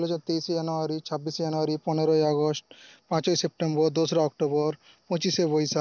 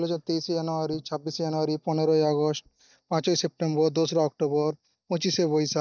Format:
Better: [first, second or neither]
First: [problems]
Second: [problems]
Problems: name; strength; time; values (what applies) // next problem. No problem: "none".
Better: first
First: none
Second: noise reduction (neural mask model DeepFilterNet 3)